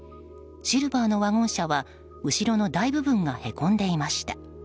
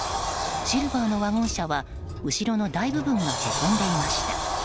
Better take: first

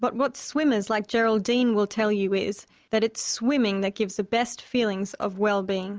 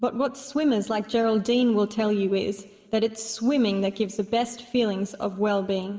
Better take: first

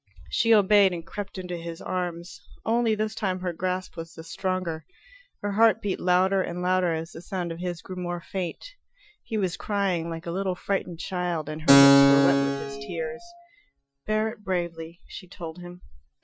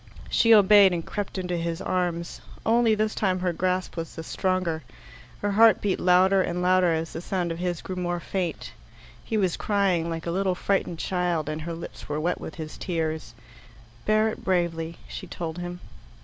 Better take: second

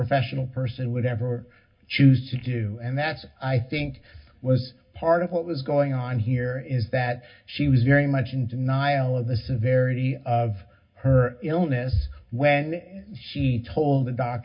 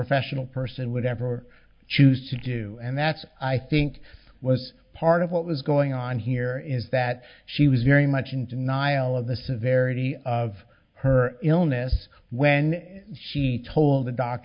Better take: second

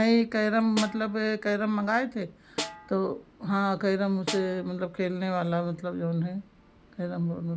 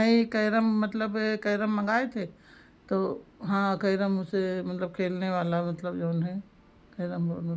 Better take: second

